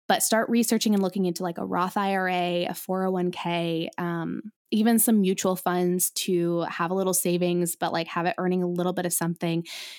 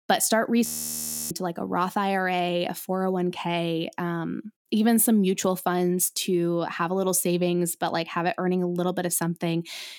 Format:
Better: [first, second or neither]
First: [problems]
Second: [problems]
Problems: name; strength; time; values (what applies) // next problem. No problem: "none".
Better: first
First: none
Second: audio freezing; at 0.5 s for 0.5 s